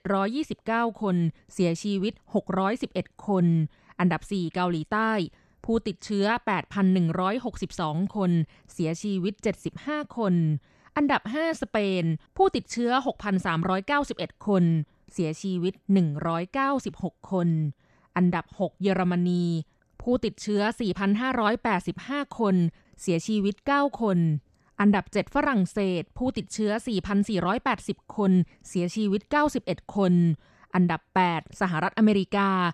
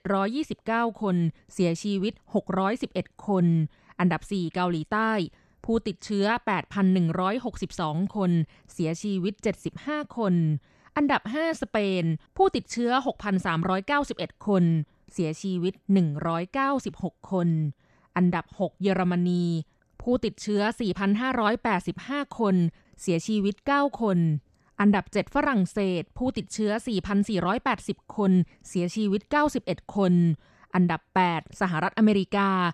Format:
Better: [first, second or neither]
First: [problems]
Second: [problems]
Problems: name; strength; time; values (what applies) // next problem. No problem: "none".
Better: neither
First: none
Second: none